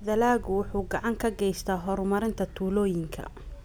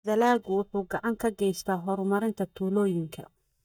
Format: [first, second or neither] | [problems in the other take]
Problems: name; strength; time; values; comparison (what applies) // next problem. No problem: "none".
first | noise reduction (neural mask model DeepFilterNet 3)